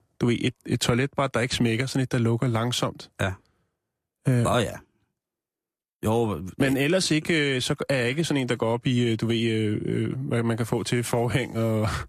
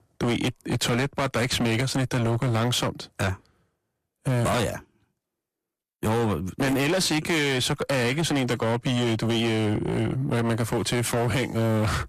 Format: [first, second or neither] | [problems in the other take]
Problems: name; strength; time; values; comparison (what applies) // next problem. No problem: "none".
first | distortion; heavy; 23% of the sound clipped